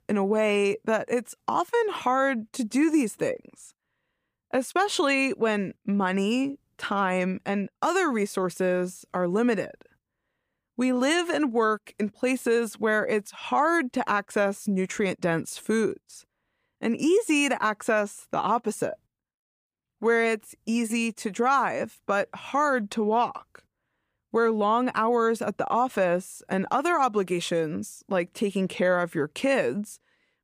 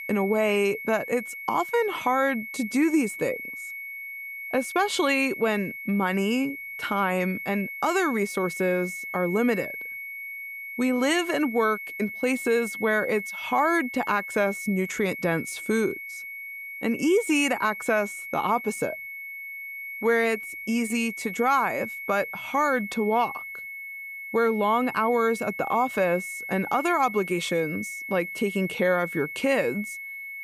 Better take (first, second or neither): first